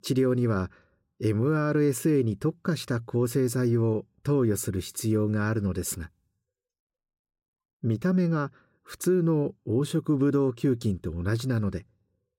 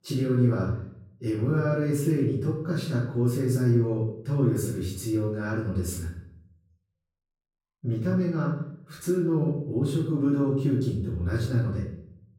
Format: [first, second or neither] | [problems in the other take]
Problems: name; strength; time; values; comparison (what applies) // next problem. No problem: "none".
first | off-mic speech; far // room echo; noticeable; dies away in 0.6 s